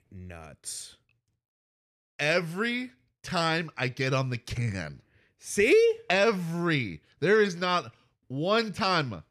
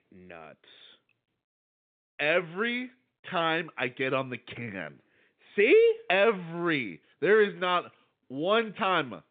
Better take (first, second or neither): first